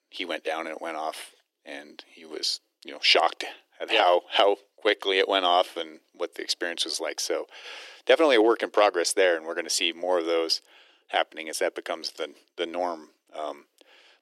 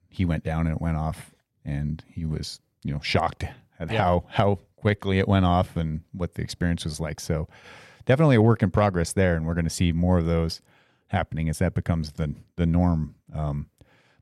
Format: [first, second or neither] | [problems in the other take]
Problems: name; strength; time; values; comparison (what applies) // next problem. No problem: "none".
second | thin; very; fading below 300 Hz